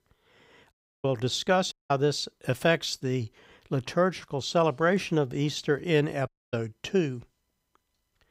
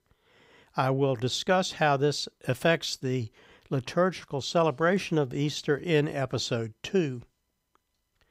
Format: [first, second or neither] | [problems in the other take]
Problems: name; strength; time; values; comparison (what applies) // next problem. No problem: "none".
second | audio cutting out; at 0.5 s, at 1.5 s and at 6.5 s